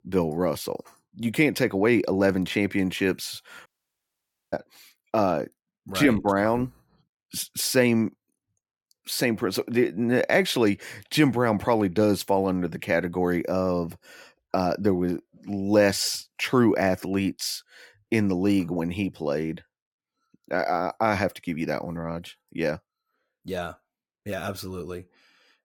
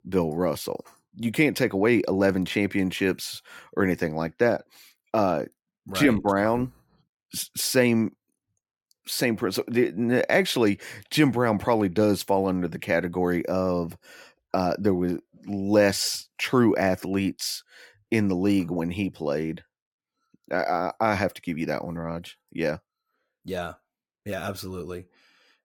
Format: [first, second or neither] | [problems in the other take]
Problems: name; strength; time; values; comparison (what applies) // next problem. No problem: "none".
second | audio cutting out; at 3.5 s for 1 s